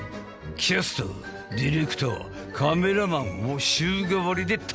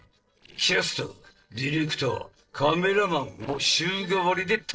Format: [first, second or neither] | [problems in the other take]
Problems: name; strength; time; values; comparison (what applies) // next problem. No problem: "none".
first | noise reduction (neural separator model SepFormer DNS4)